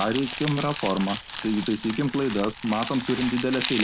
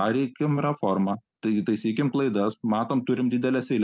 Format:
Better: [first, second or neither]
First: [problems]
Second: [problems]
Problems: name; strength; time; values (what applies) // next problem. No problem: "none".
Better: second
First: background sound (Crumpling, crinkling); 9 dB below the speech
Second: none